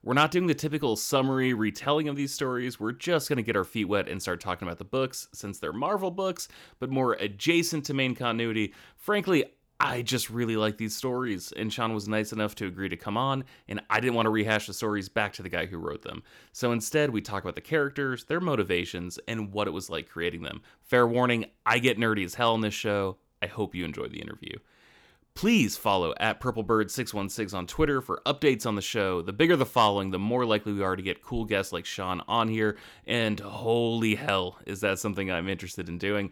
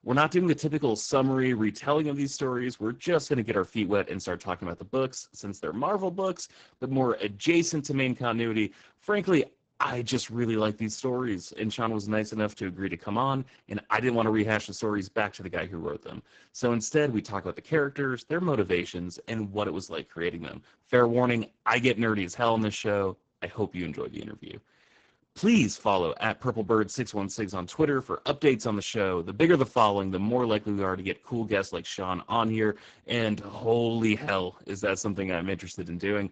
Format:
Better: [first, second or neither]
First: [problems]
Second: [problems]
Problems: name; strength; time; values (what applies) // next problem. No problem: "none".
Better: first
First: none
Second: garbled, watery; badly; nothing above 7.5 kHz